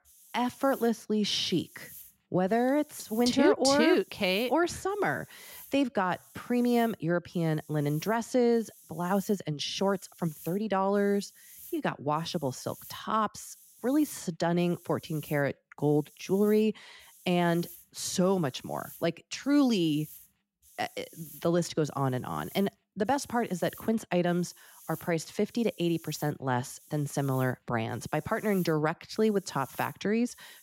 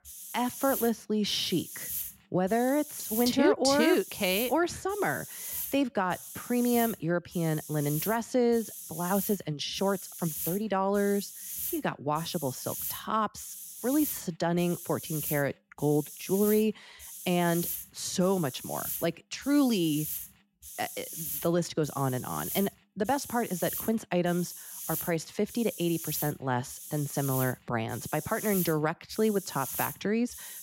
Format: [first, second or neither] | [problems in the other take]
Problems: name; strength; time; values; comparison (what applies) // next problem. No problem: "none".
first | hiss; loud; throughout; 7 dB below the speech; faint in the first